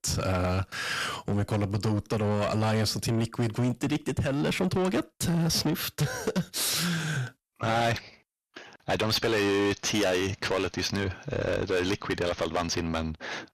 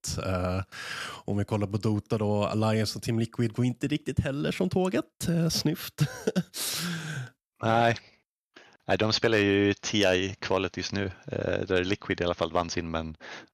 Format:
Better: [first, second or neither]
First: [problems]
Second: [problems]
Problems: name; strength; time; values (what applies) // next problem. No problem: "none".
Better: second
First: distortion; heavy; 6 dB below the speech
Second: none